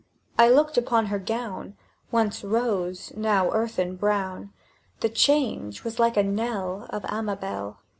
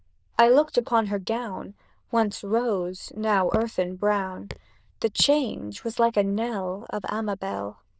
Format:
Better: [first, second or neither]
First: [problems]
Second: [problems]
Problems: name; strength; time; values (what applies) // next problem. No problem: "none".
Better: first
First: none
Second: noise reduction (neural diffusion model UNIVERSE++)